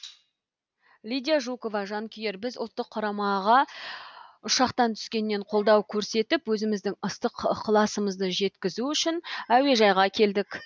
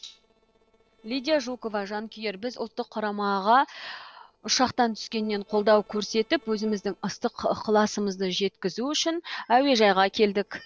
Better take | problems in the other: first | noise reduction (neural separator model SepFormer DNS4)

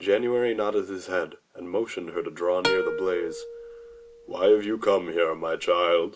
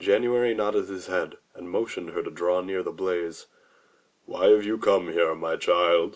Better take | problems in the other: second | background sound (Plucked string instrument); 8 dB below the speech

